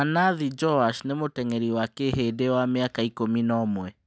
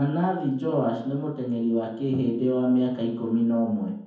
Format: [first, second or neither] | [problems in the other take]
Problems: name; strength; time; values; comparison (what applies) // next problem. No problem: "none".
first | room echo; dies away in 0.7 s